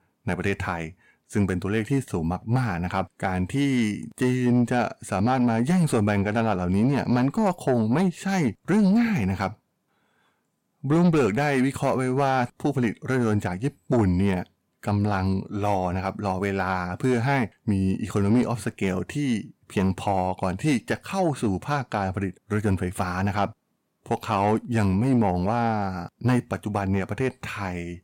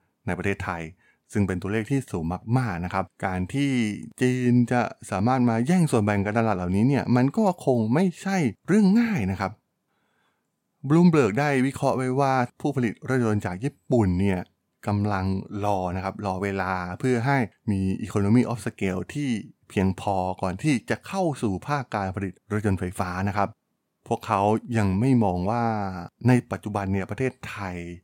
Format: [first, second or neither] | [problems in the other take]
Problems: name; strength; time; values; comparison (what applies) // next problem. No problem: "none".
second | distortion; slight; 10 dB below the speech